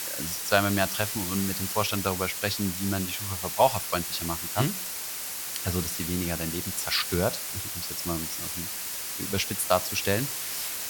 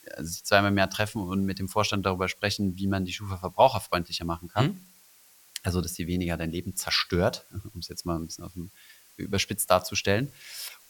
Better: second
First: hiss; loud; throughout; 2 dB below the speech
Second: hiss; faint; throughout; 25 dB below the speech

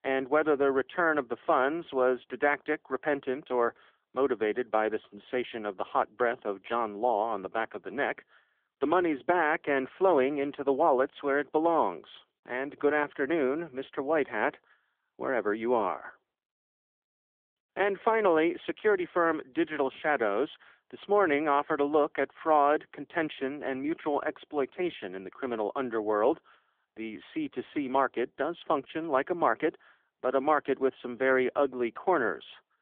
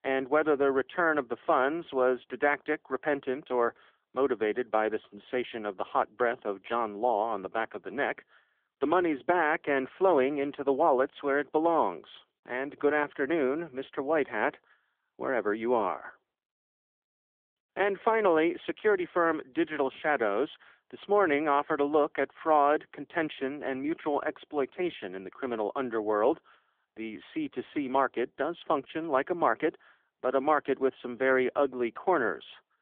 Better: neither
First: phone-call audio; nothing above 3.5 kHz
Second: phone-call audio; nothing above 3.5 kHz

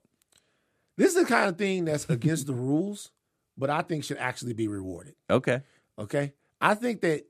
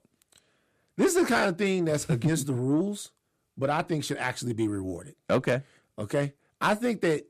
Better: first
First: none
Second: distortion; slight; 10 dB below the speech

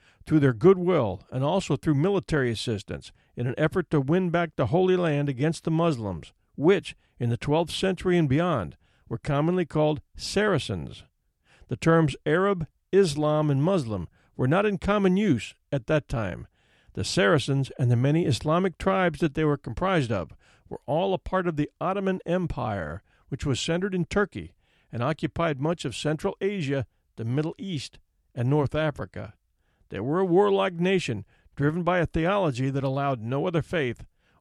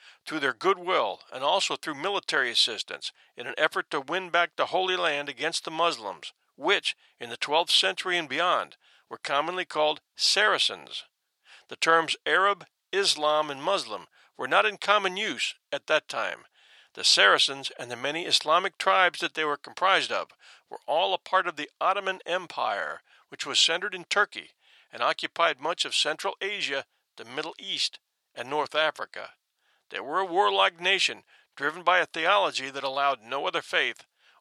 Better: first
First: none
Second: thin; very; fading below 900 Hz

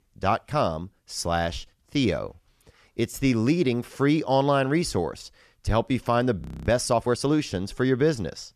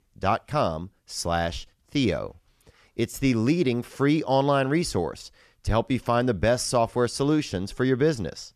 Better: second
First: audio freezing; at 6.5 s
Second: none

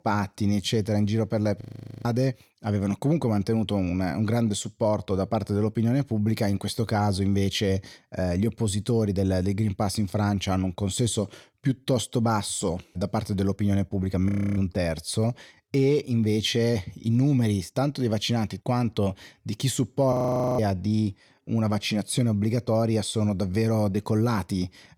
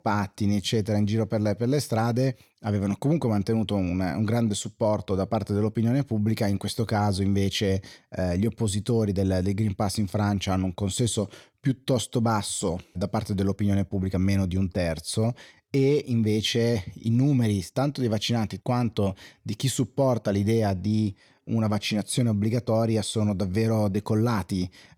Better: second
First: audio freezing; at 1.5 s, at 14 s and at 20 s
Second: none

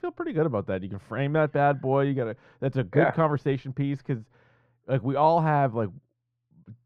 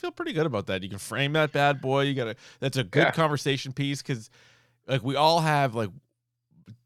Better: second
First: muffled; very; fading above 3 kHz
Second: none

